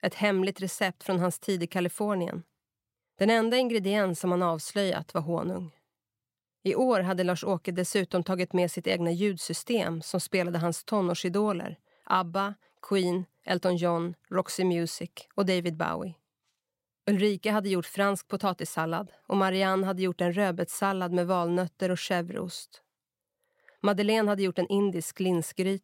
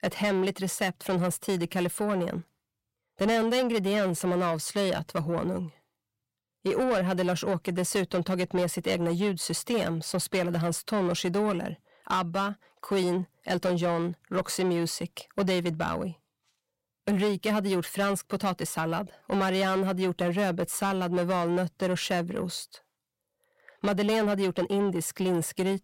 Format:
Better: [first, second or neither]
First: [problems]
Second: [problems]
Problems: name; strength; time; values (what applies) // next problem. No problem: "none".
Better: first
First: none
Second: distortion; slight; 10 dB below the speech